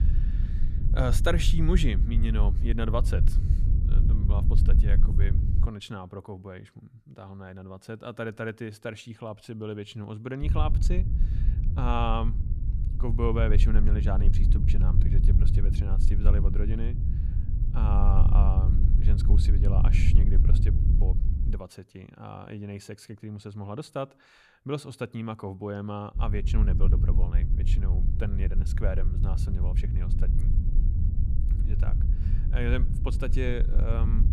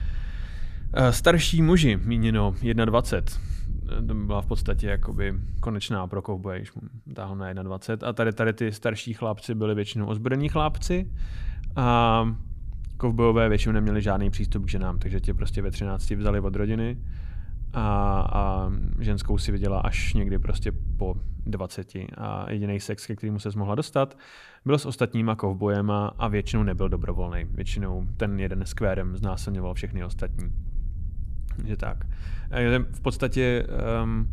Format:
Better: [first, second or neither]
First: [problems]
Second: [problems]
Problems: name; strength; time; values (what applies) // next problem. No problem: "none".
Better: second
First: low rumble; loud; until 5.5 s, from 10 to 22 s and from 26 s on; 6 dB below the speech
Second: low rumble; faint; until 5.5 s, from 10 to 22 s and from 26 s on; 25 dB below the speech